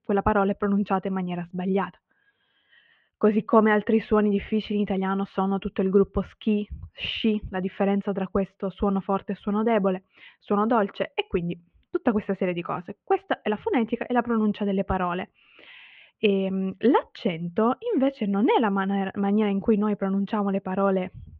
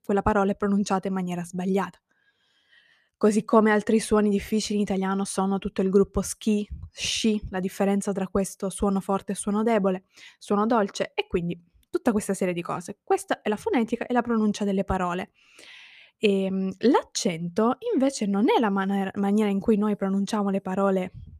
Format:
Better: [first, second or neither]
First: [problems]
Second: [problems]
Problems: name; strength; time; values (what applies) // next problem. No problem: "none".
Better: second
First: muffled; very; fading above 3 kHz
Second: none